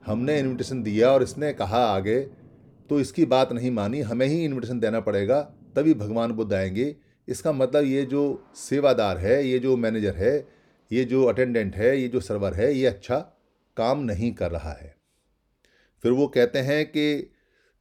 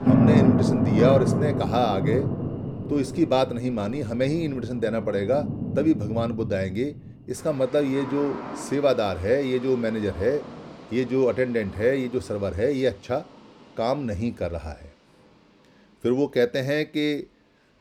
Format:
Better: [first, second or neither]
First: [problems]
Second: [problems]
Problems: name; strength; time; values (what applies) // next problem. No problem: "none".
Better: first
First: rain or running water; faint; throughout; 25 dB below the speech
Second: rain or running water; loud; throughout; 1 dB below the speech